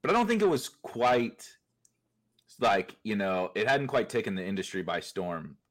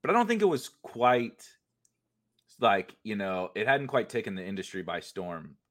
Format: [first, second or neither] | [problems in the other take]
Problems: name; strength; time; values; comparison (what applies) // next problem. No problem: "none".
second | distortion; slight; 10 dB below the speech